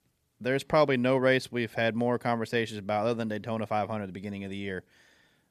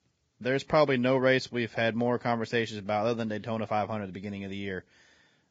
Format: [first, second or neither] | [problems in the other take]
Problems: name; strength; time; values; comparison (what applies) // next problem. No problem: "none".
first | garbled, watery; badly; nothing above 7.5 kHz